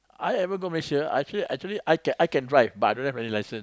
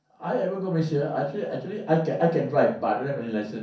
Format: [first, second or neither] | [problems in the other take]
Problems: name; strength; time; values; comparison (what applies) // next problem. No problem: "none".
first | room echo; dies away in 0.6 s